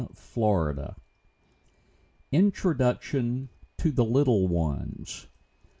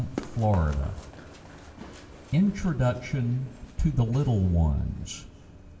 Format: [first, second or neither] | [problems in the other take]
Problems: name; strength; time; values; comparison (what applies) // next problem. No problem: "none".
first | background sound (Run); 17 dB below the speech // room echo; dies away in 2.4 s